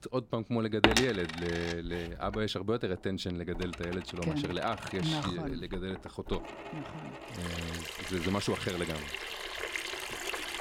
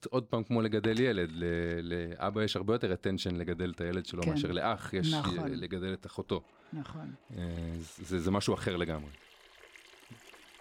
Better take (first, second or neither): second